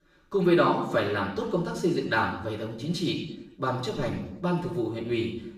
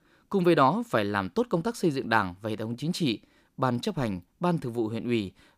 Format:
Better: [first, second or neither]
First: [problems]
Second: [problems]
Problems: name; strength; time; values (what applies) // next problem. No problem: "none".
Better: second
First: room echo; noticeable; dies away in 0.7 s // off-mic speech; far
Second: none